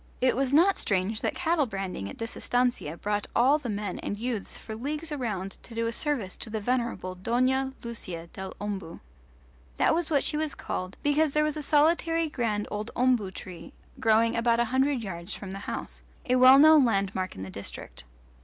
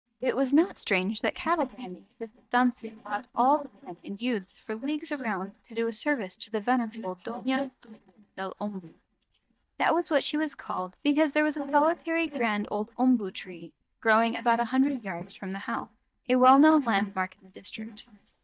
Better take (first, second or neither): first